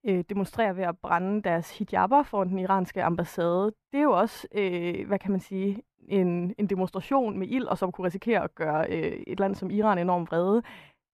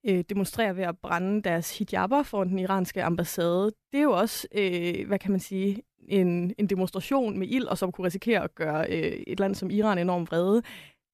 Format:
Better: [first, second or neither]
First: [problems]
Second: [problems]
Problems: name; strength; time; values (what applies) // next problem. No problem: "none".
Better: second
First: muffled; slightly; fading above 3.5 kHz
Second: none